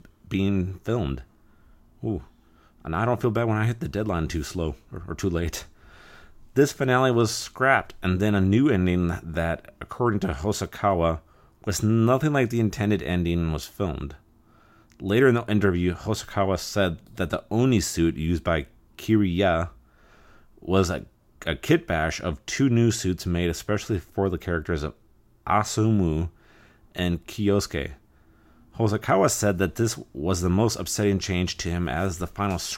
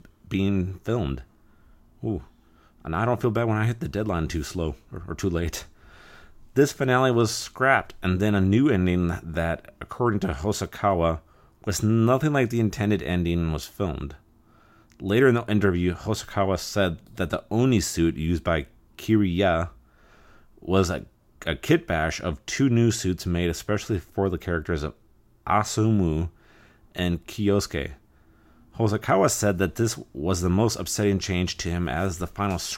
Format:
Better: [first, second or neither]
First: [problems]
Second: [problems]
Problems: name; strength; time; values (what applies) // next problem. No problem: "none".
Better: neither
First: none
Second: none